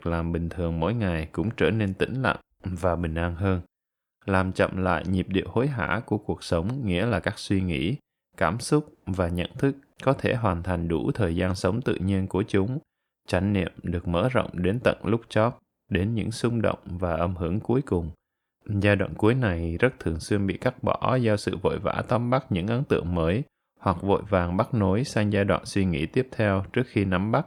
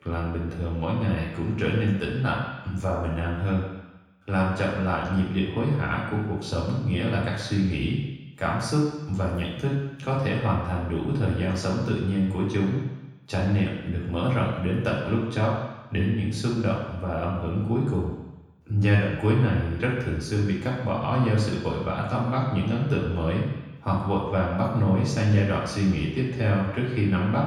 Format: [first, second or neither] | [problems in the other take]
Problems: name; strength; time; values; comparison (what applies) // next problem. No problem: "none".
first | room echo; noticeable; dies away in 1.1 s // off-mic speech; far